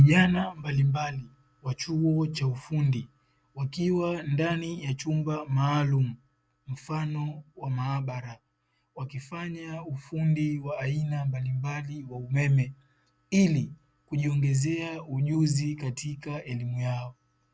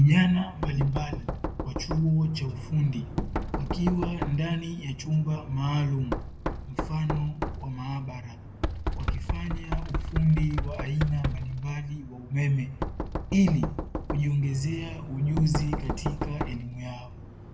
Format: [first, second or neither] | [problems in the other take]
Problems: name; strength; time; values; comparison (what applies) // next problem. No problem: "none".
first | background sound (Knock); 5 dB below the speech // room echo; dies away in 0.5 s